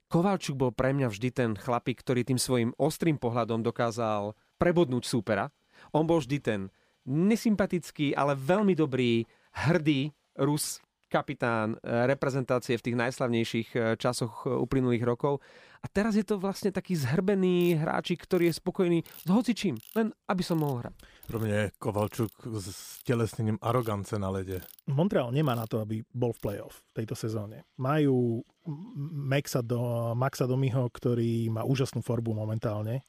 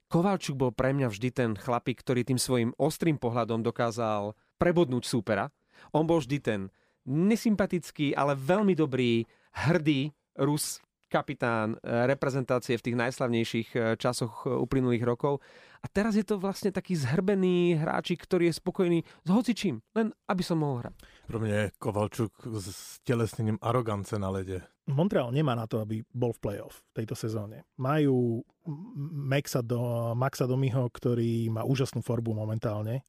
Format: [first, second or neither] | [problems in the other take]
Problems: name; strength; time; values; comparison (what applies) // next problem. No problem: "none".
second | machinery noise; faint; throughout; 25 dB below the speech